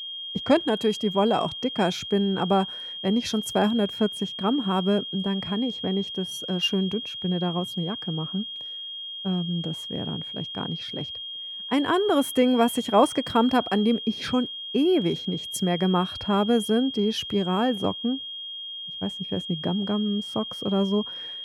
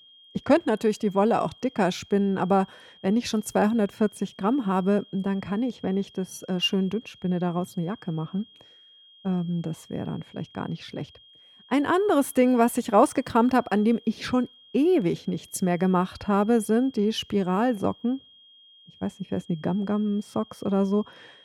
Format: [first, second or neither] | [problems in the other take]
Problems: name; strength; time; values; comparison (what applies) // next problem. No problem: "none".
second | high-pitched whine; loud; throughout; 3 kHz, 7 dB below the speech; faint in the second